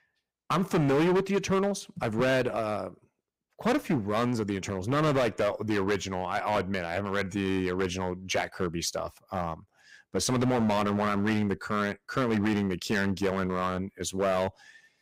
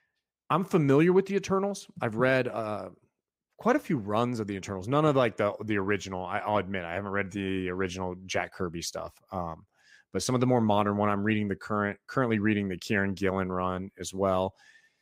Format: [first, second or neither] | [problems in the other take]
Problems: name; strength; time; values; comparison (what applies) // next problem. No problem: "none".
second | distortion; heavy; 10% of the sound clipped